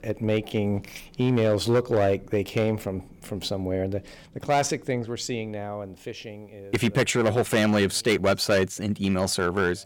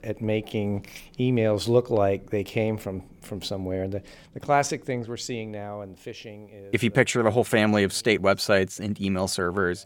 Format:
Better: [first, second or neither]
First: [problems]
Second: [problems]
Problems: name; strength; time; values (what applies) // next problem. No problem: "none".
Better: second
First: distortion; slight; 5% of the sound clipped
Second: none